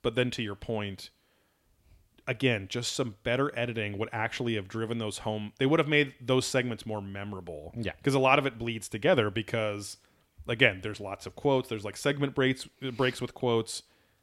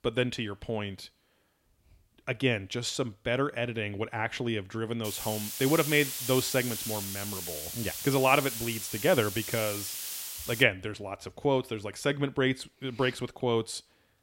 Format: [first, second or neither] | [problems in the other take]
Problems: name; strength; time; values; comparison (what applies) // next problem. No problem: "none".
first | hiss; loud; from 5 to 11 s; 5 dB below the speech